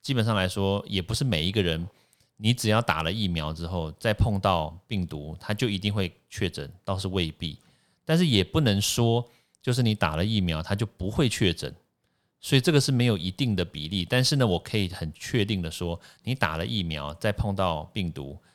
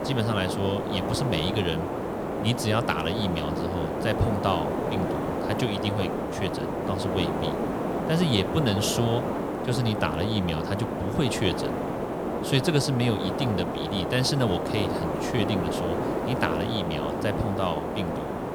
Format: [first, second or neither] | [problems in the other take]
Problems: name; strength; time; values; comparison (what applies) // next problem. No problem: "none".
first | hiss; loud; throughout; 1 dB below the speech